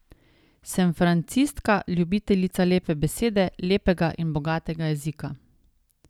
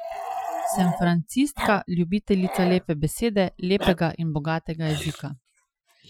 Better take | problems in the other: first | noise reduction (classical method Wiener filter)

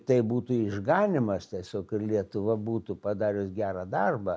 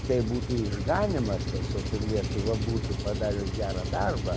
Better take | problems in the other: first | background sound (Engine); as loud as the speech

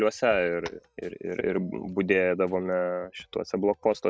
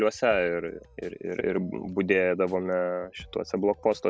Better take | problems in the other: second | noise reduction (neural mask model RNNoise)

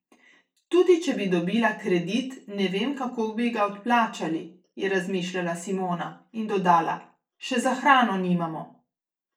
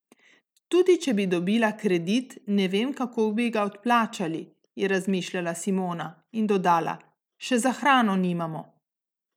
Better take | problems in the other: second | room echo; dies away in 0.3 s

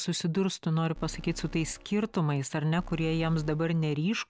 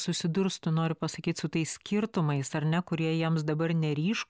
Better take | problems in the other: second | background sound (Alarm); 16 dB below the speech

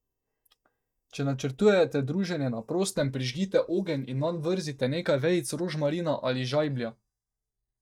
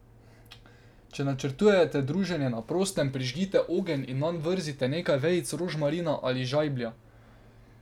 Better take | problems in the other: second | noise reduction (neural mask model DeepFilterNet 3)

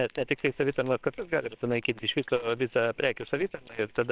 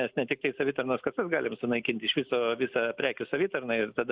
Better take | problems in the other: second | noise reduction (neural separator model SepFormer WHAMR!)

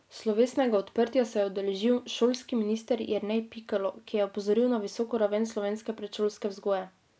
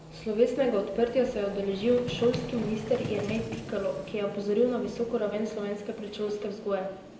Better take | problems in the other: first | background sound (Vehicle); 12 dB below the speech // room echo; dies away in 0.7 s

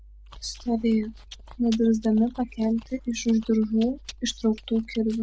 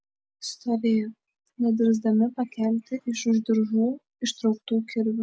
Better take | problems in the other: second | background sound (Chewing, mastication); 19 dB below the speech

